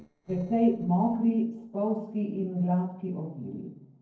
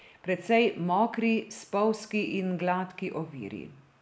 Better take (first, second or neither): second